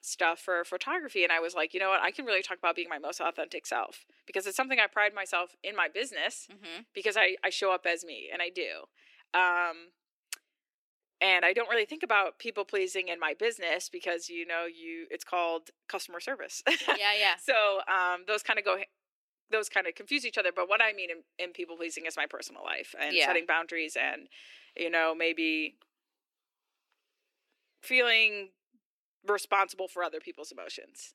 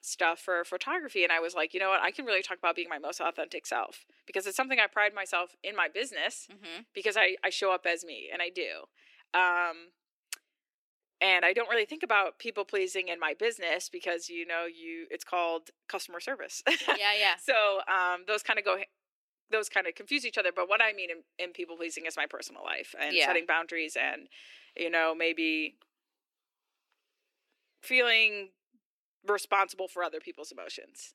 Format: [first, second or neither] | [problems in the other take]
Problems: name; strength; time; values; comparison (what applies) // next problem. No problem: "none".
neither | thin; very; fading below 300 Hz; the same in both